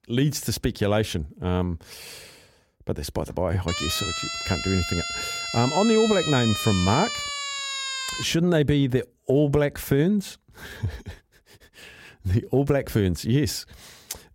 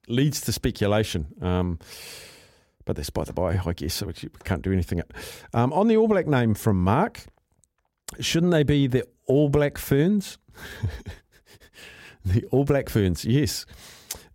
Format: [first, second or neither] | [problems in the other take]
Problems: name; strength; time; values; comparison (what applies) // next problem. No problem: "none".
second | siren; noticeable; from 3.5 to 8 s; peak 2 dB below the speech